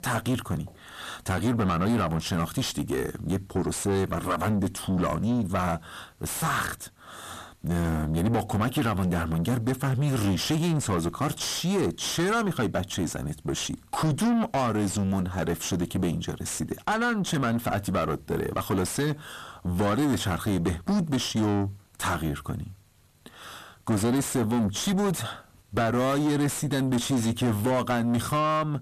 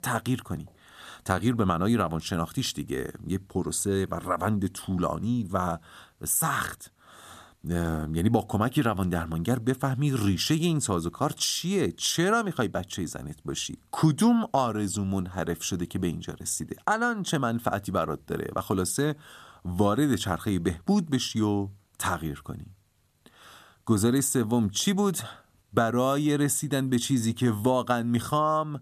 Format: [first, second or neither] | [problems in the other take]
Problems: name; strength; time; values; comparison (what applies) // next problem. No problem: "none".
second | distortion; heavy; 6 dB below the speech